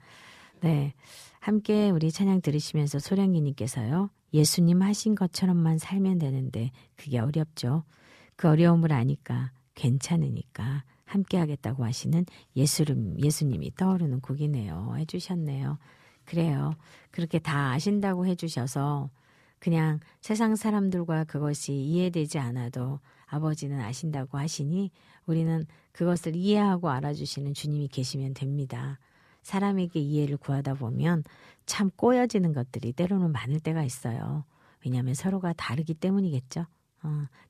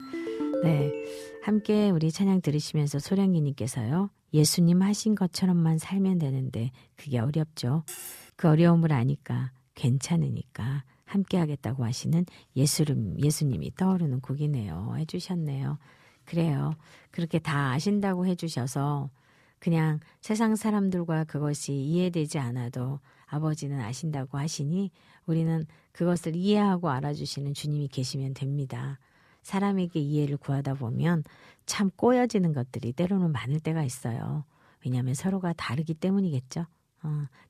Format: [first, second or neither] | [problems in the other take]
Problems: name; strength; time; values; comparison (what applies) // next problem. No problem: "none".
first | phone ringing; noticeable; until 1.5 s; peak 2 dB below the speech // clattering dishes; faint; at 8 s; peak 10 dB below the speech